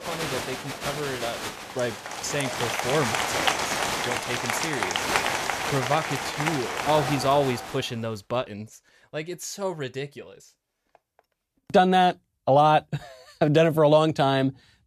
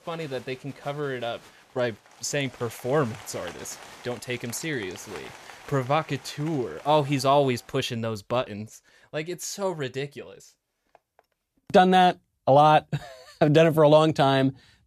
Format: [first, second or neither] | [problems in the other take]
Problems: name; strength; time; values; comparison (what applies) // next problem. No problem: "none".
second | crowd noise; loud; until 7.5 s; 3 dB below the speech; faint in the second